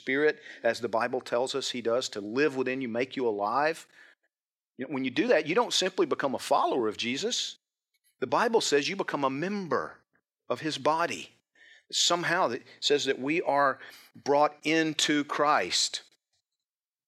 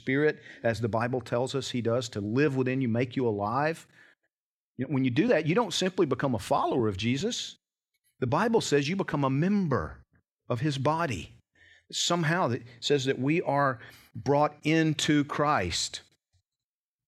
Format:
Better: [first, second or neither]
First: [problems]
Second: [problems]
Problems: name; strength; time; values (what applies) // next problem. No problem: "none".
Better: second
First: thin; somewhat; fading below 350 Hz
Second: none